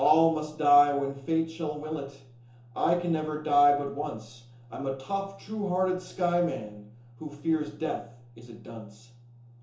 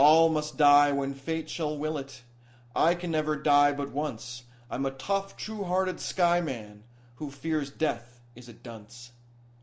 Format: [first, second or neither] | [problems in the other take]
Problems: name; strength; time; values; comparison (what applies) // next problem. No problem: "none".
second | room echo; dies away in 0.6 s